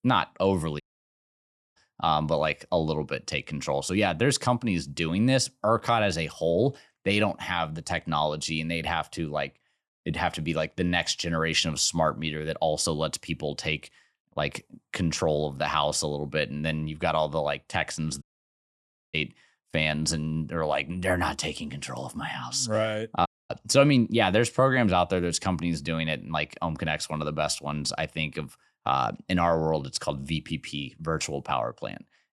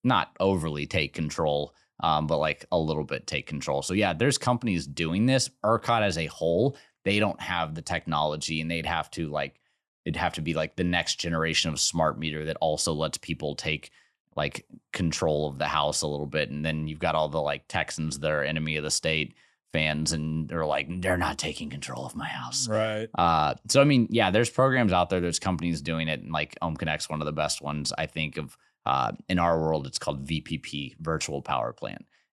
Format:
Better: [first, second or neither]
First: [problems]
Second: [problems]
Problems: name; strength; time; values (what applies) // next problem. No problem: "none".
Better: second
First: audio cutting out; at 1 s for 1 s, at 18 s for 1 s and at 23 s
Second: none